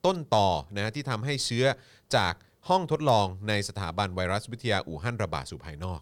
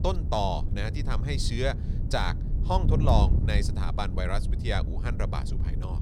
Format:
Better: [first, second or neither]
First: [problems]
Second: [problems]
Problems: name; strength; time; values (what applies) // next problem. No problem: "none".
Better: first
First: none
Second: wind noise on the microphone; occasional gusts; 10 dB below the speech